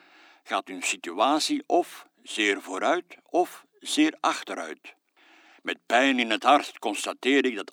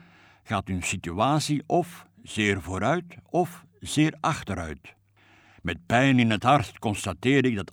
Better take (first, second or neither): second